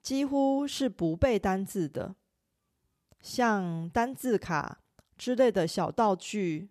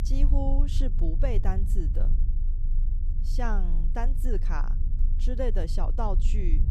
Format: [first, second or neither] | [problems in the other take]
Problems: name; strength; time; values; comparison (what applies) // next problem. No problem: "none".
first | low rumble; noticeable; throughout; 10 dB below the speech